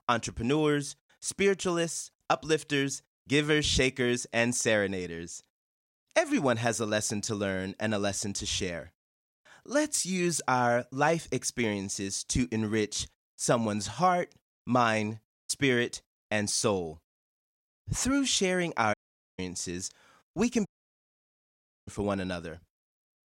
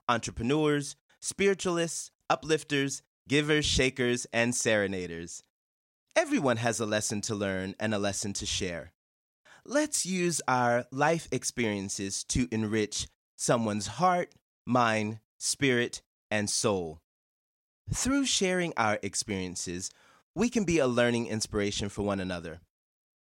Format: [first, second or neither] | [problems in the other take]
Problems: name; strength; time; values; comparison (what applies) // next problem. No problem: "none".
second | audio cutting out; at 15 s, at 19 s and at 21 s for 1 s